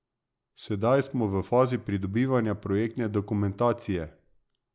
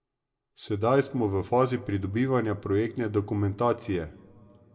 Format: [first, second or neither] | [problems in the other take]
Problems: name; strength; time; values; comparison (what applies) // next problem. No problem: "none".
first | room echo; dies away in 0.8 s